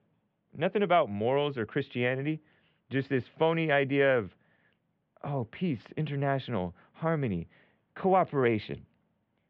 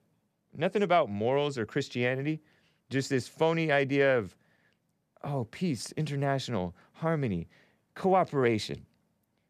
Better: second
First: muffled; very; fading above 3 kHz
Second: none

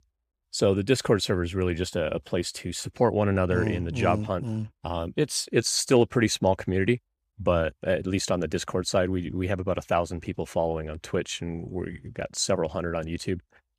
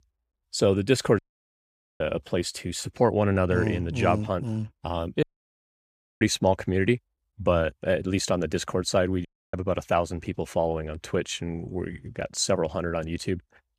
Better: first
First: none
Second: audio cutting out; at 1 s for 1 s, at 5 s for 1 s and at 9.5 s

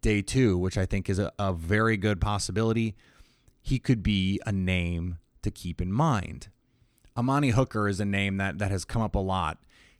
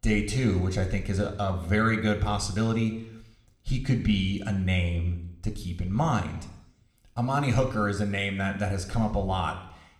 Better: first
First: none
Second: room echo; slight; dies away in 0.8 s

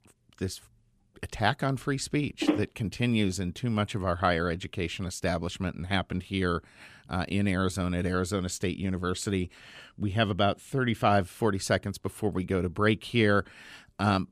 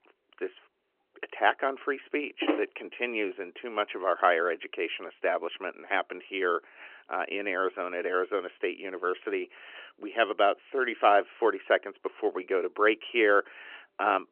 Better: first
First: none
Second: phone-call audio; nothing above 3 kHz

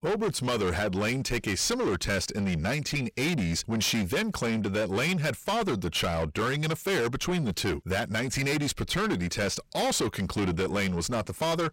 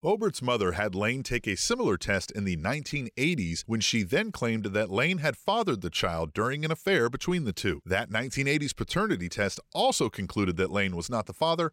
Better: second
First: distortion; heavy; 6 dB below the speech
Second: none

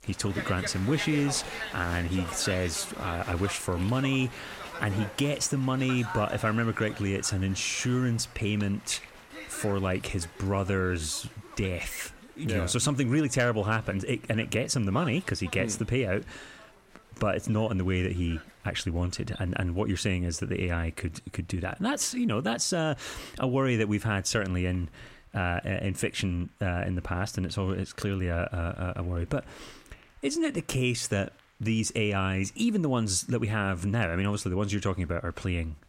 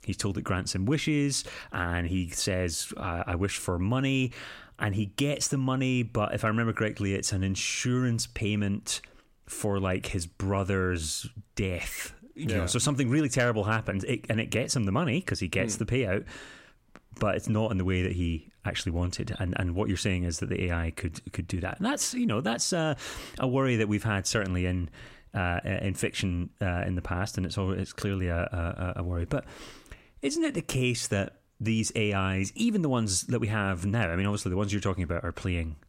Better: second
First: crowd noise; noticeable; throughout; 15 dB below the speech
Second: none

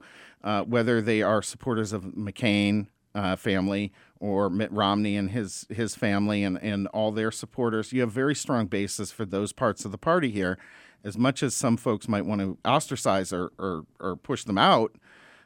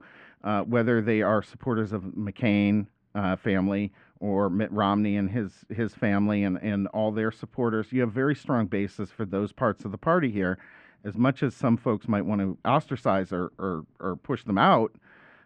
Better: first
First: none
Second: muffled; very; fading above 2 kHz

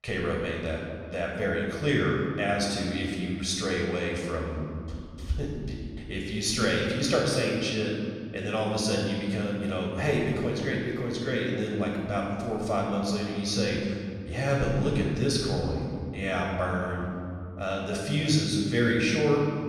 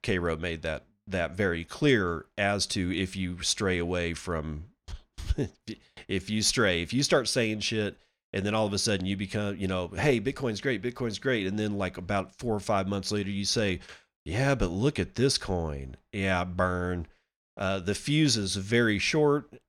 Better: second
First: off-mic speech; somewhat distant // room echo; noticeable; dies away in 2.2 s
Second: none

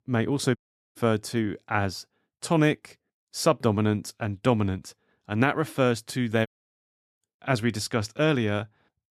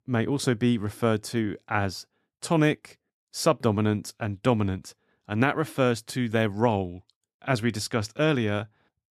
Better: second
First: audio cutting out; at 0.5 s and at 6.5 s for 0.5 s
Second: none

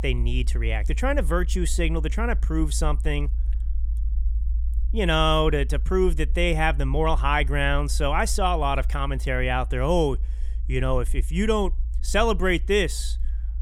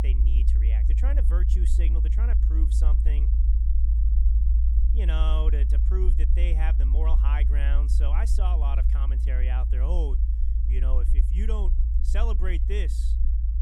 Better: first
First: low rumble; faint; throughout; 25 dB below the speech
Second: low rumble; loud; throughout; 5 dB below the speech

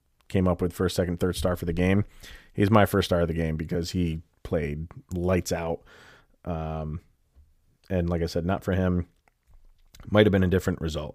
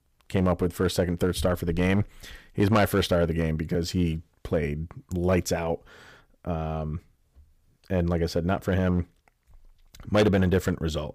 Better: first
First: none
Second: distortion; slight; 2% of the sound clipped

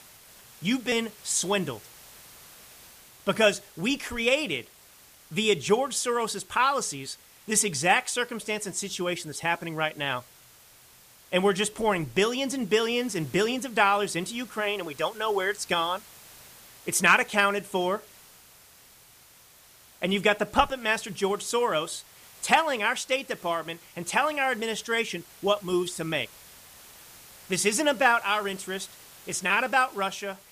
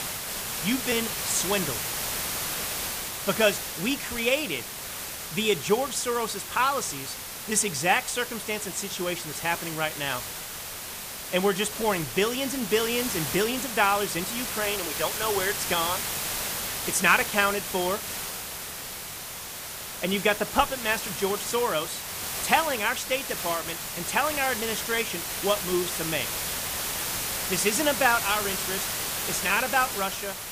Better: first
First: hiss; faint; throughout; 25 dB below the speech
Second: hiss; loud; throughout; 4 dB below the speech

